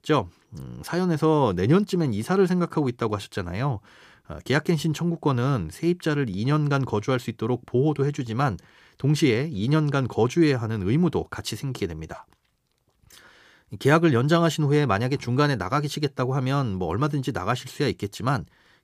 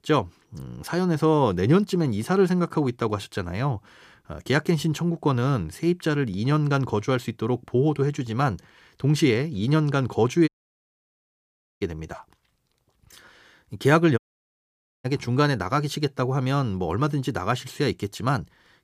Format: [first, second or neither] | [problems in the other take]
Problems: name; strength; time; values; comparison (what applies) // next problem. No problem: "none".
first | audio cutting out; at 10 s for 1.5 s and at 14 s for 1 s